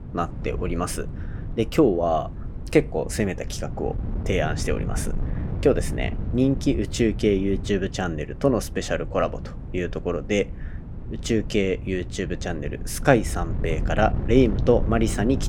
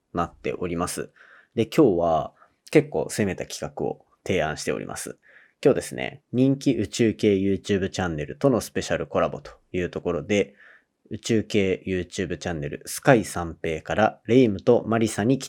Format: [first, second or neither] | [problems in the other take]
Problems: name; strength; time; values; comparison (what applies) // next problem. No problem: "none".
second | wind noise on the microphone; occasional gusts; 15 dB below the speech